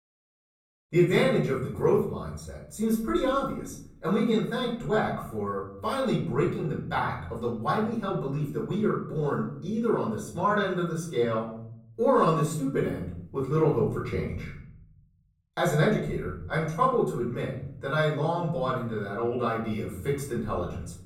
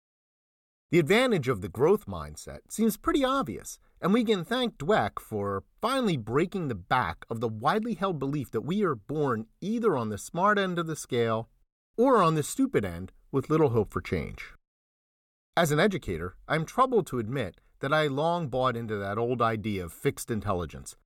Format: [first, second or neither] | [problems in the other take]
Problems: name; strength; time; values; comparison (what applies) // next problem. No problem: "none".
second | off-mic speech; far // room echo; noticeable; dies away in 0.9 s